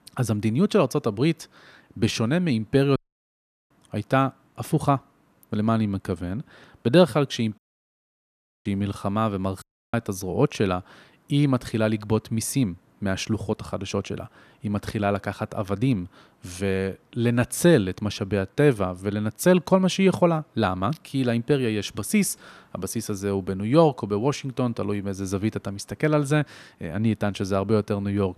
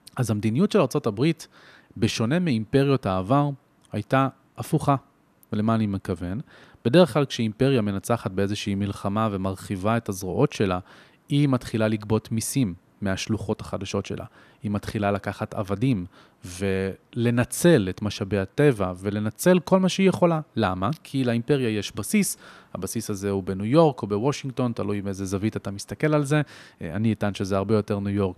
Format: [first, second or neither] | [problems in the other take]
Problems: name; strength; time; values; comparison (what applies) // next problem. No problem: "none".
second | audio cutting out; at 3 s for 0.5 s, at 7.5 s for 1 s and at 9.5 s